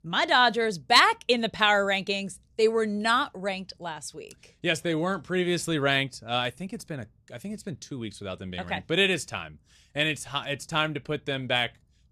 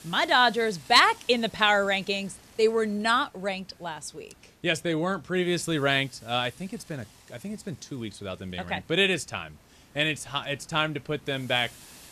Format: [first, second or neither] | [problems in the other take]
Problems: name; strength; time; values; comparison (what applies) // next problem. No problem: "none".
first | hiss; faint; throughout; 25 dB below the speech